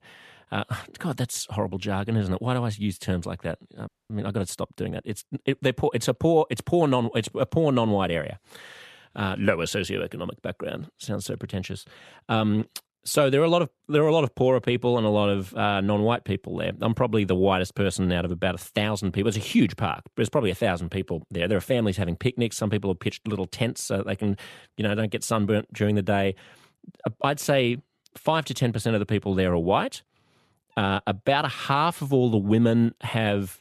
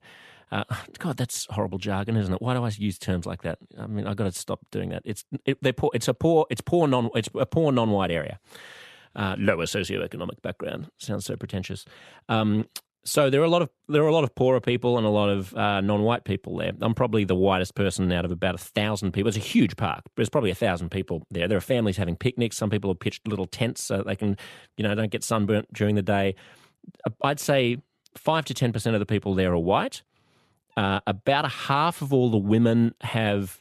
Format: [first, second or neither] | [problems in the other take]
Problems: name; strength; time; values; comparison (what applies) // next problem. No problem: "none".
second | audio freezing; at 4 s